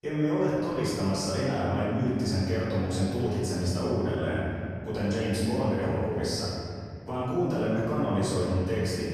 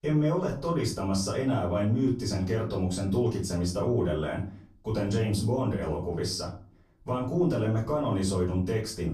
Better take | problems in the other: second | room echo; strong; dies away in 2.9 s; slight in the second // off-mic speech; far; far in the second

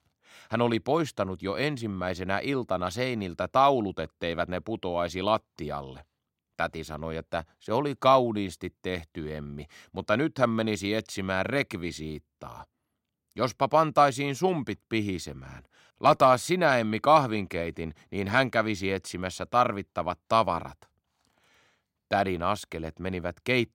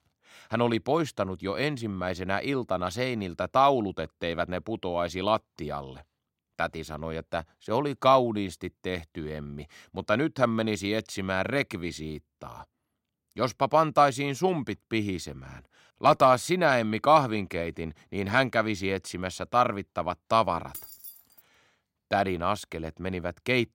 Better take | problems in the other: first | jangling keys; faint; at 21 s; peak 15 dB below the speech

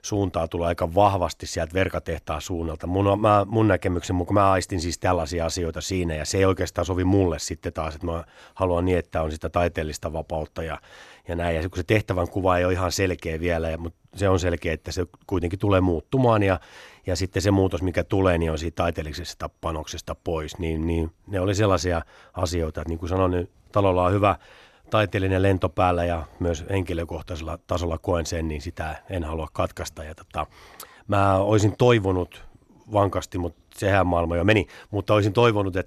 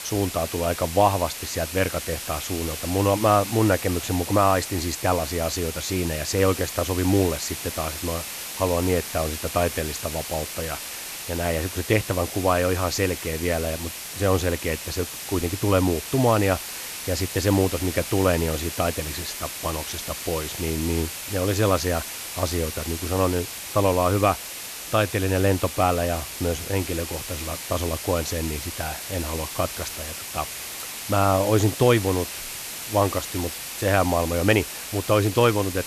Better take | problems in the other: first | hiss; loud; throughout; 7 dB below the speech

